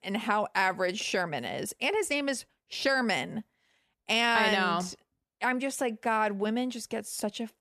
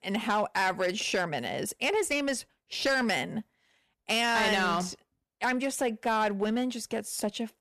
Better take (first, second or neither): first